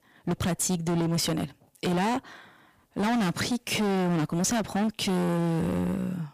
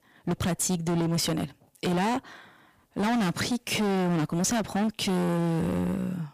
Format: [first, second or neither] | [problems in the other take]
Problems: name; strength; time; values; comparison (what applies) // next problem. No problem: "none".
neither | distortion; heavy; 26% of the sound clipped; the same in both